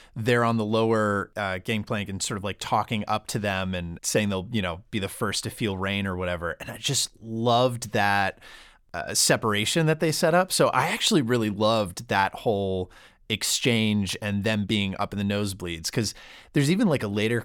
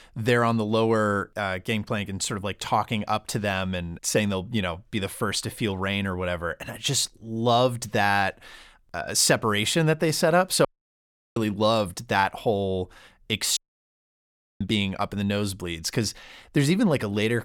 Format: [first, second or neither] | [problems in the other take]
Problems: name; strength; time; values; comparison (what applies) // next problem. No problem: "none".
first | audio cutting out; at 11 s for 0.5 s and at 14 s for 1 s